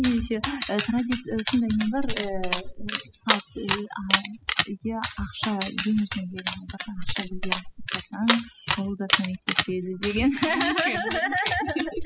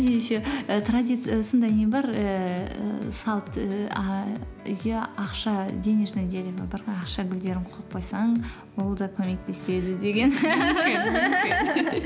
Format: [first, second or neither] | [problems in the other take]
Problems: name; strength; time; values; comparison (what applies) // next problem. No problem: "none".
second | noise reduction (classical method spectral subtraction)